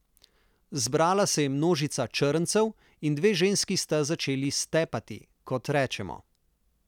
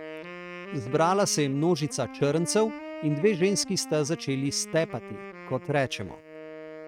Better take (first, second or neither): first